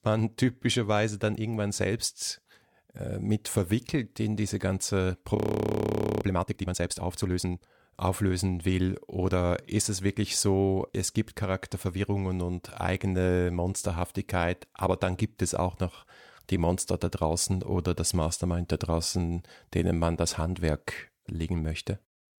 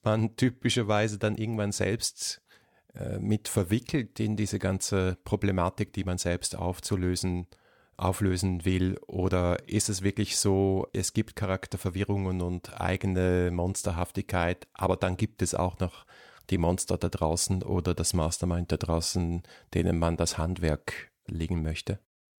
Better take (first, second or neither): second